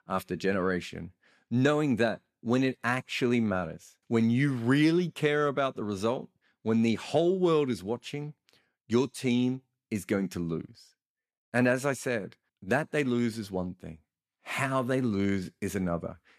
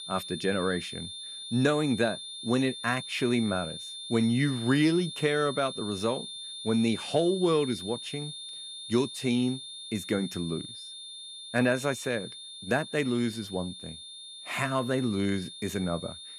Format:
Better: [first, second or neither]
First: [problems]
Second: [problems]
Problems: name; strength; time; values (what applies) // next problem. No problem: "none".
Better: first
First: none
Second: high-pitched whine; loud; throughout; 3.5 kHz, 10 dB below the speech